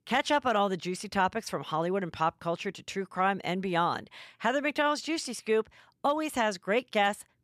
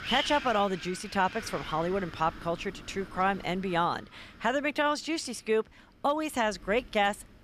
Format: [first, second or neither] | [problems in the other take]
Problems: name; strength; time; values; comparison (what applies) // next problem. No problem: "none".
first | wind noise on the microphone; occasional gusts; 10 dB below the speech